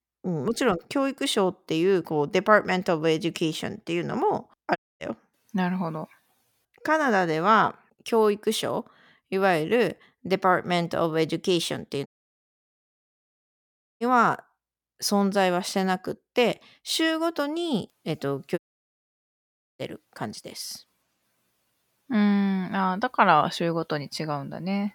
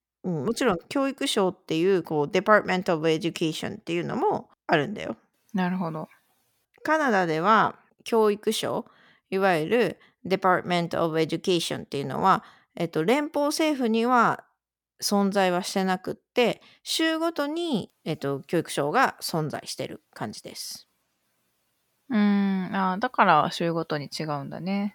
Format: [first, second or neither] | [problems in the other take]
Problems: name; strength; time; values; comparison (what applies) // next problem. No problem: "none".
second | audio cutting out; at 5 s, at 12 s for 2 s and at 19 s for 1 s